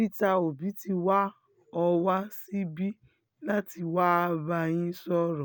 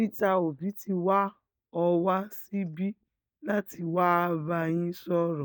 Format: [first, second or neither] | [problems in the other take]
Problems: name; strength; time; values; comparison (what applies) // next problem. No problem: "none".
first | noise reduction (neural mask model DeepFilterNet 3)